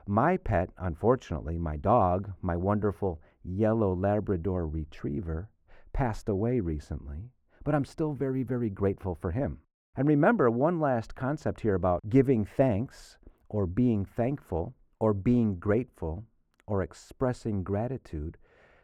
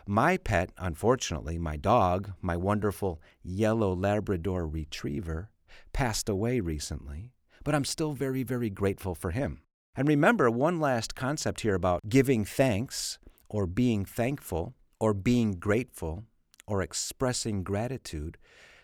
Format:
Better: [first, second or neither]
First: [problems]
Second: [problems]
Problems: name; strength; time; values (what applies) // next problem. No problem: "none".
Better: second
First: muffled; very; fading above 2.5 kHz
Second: none